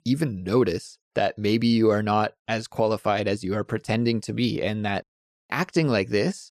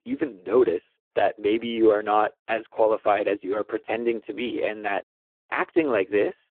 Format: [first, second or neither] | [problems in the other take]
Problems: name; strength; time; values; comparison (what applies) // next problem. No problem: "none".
first | phone-call audio; poor line